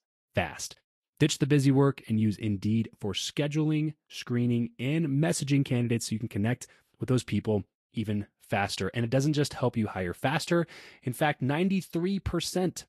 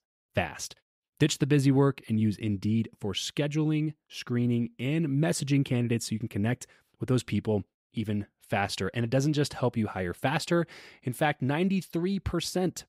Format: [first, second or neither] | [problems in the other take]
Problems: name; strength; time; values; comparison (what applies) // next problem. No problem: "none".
second | garbled, watery; slightly; nothing above 12.5 kHz